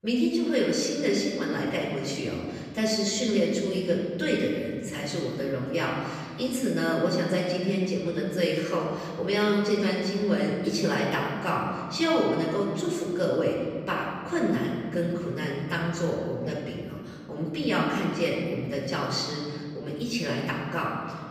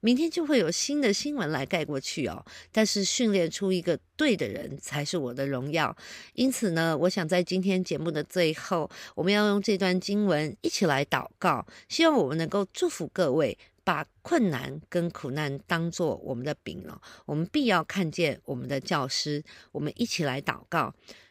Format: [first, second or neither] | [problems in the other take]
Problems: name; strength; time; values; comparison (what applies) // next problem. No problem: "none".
second | off-mic speech; far // room echo; noticeable; dies away in 2 s